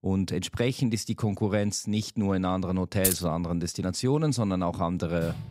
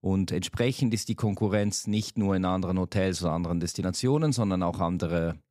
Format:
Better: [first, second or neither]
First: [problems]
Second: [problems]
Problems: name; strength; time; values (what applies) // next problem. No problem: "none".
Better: second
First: jangling keys; loud; at 3 s; peak 1 dB above the speech // door banging; very faint; at 5 s; peak 10 dB below the speech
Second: none